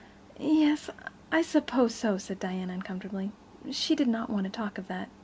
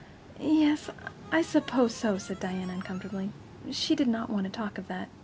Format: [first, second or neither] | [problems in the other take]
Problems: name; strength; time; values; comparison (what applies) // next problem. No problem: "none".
first | background sound (Harmonica + Vehicle); 18 dB below the speech